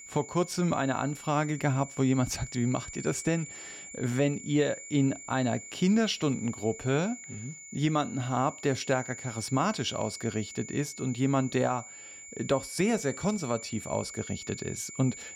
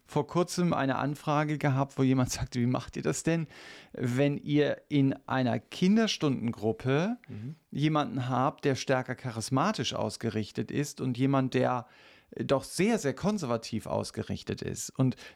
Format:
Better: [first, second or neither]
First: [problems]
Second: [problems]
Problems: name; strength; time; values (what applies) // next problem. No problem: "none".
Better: second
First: high-pitched whine; noticeable; throughout; 7 kHz, 10 dB below the speech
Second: none